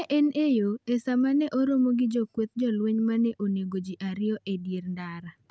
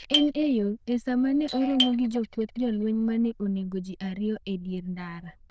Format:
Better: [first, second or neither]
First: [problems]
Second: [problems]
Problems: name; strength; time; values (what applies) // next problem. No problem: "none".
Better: first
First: none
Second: noise reduction (neural diffusion model UNIVERSE++)